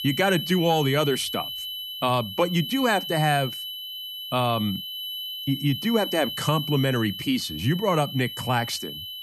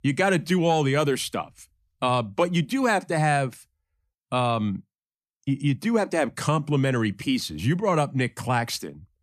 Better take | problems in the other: second | high-pitched whine; loud; throughout; 3 kHz, 7 dB below the speech

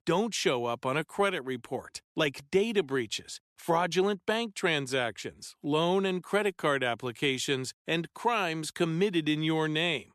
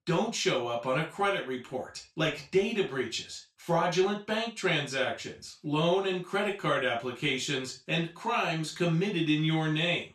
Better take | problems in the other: first | room echo; slight; dies away in 0.3 s // off-mic speech; far

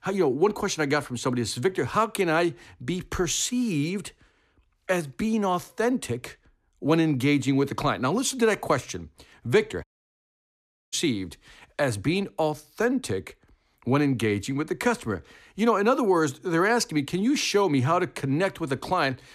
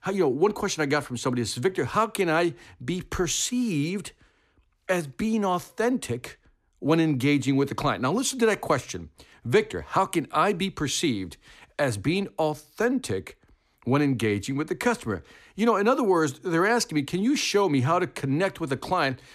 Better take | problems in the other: second | audio cutting out; at 10 s for 1 s

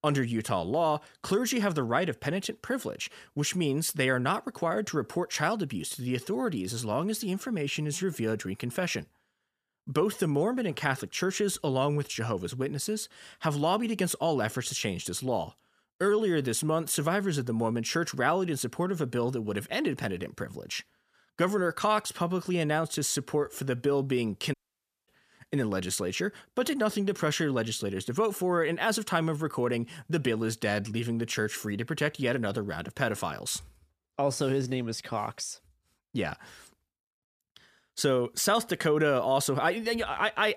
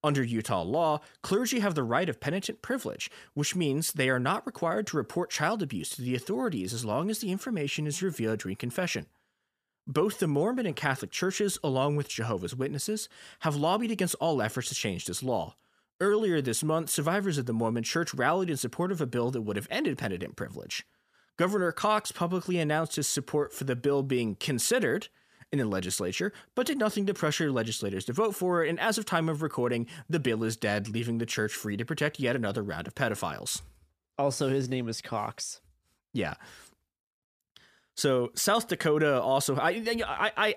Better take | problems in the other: second | audio cutting out; at 25 s for 0.5 s

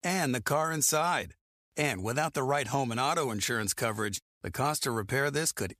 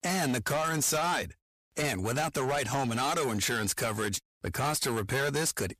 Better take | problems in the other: first | distortion; heavy; 17% of the sound clipped

